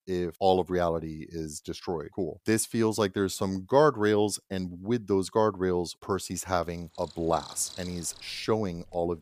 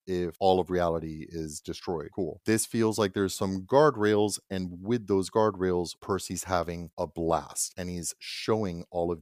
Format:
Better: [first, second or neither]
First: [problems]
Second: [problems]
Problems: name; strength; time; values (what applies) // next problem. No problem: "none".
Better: second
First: animal sounds; noticeable; from 7 s on; 20 dB below the speech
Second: none